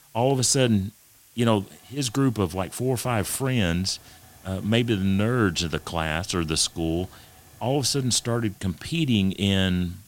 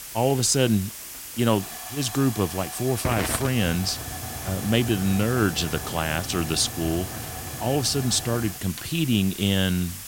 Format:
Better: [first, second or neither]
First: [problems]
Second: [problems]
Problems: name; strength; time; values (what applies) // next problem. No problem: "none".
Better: first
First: hiss; faint; throughout; 25 dB below the speech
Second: hiss; loud; throughout; 8 dB below the speech